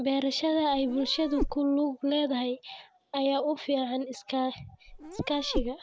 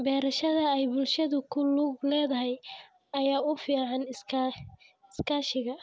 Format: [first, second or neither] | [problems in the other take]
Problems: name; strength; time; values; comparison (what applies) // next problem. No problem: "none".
second | background sound (Meow); 6 dB below the speech